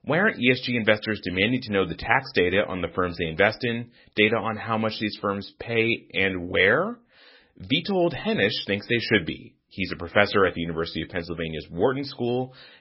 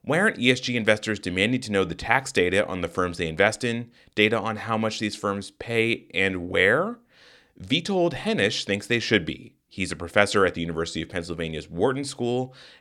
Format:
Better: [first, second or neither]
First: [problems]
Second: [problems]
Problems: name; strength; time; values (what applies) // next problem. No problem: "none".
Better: second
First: garbled, watery; badly; nothing above 5.5 kHz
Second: none